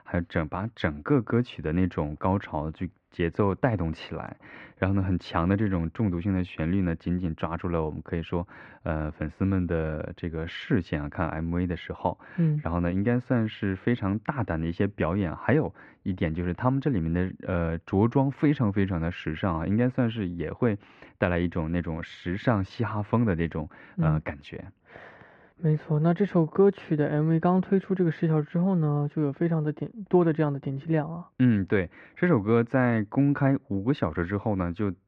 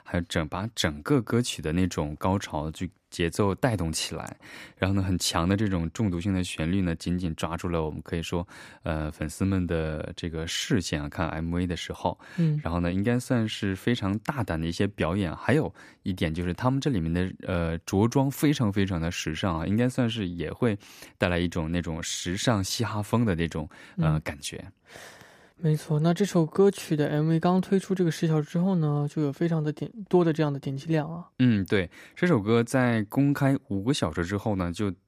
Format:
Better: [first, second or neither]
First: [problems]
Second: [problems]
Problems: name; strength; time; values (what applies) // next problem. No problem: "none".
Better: second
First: muffled; very; fading above 2 kHz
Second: none